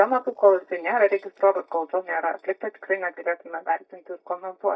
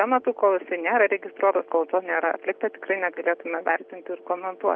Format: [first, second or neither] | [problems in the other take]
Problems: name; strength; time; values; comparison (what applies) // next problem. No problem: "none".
second | noise reduction (neural mask model DeepFilterNet 3)